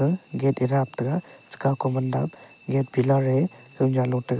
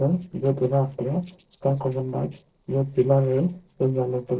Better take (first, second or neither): first